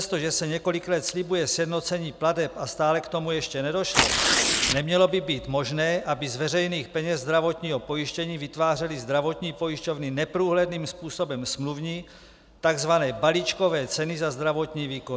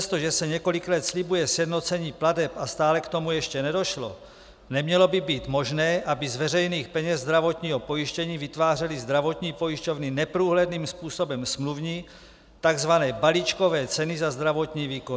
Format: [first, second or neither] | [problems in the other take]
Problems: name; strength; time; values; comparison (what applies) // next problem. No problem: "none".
second | background sound (Tearing); 1 dB above the speech